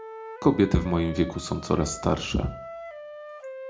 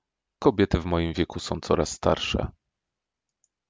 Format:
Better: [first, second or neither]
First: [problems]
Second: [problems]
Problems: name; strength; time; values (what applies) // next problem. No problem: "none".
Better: second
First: background sound (Wind instrument, woodwind instrument); 14 dB below the speech // room echo; dies away in 0.3 s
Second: none